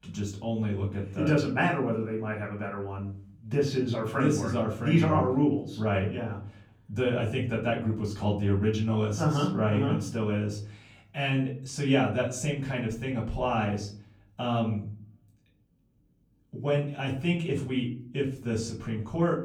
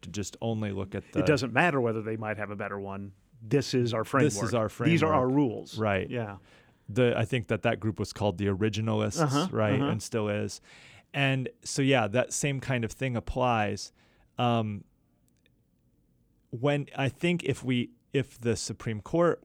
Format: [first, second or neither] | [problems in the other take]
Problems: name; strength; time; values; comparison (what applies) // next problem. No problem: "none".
second | off-mic speech; far // room echo; slight; dies away in 0.5 s